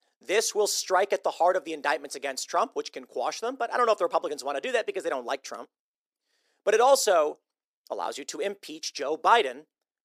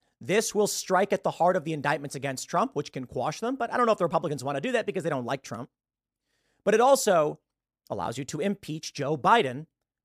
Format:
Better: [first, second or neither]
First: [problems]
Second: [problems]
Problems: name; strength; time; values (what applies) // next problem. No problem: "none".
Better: second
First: thin; somewhat; fading below 350 Hz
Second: none